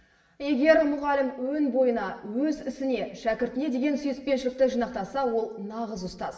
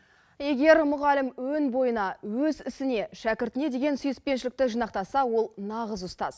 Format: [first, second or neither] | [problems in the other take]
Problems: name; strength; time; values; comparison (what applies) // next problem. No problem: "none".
second | room echo; dies away in 0.9 s